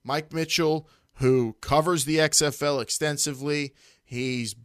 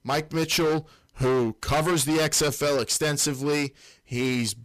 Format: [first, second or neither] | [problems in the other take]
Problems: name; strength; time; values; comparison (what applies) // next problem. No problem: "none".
first | distortion; heavy; 19% of the sound clipped